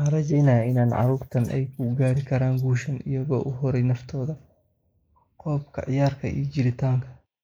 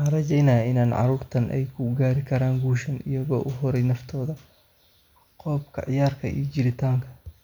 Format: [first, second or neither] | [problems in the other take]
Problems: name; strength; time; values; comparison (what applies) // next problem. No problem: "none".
second | noise reduction (neural mask model Resemble Enhance denoiser)